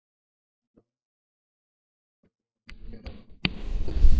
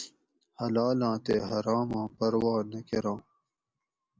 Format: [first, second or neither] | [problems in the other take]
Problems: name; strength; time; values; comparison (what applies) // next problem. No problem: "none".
second | noise reduction (neural mask model DeepFilterNet 3)